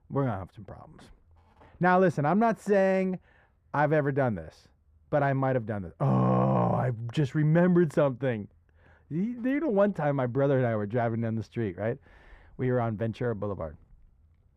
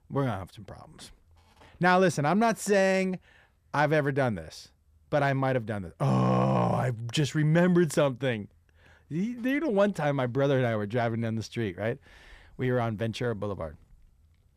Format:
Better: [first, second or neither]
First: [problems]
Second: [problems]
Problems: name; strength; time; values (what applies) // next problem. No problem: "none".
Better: second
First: muffled; slightly; fading above 2.5 kHz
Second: none